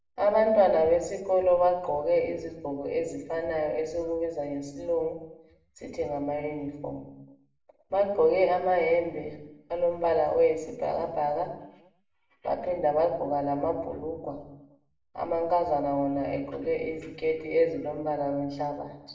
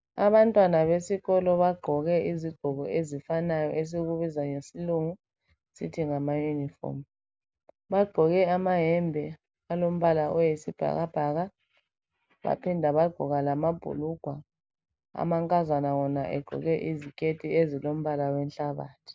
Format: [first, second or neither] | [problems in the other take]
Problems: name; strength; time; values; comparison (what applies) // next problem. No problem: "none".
second | room echo; dies away in 0.7 s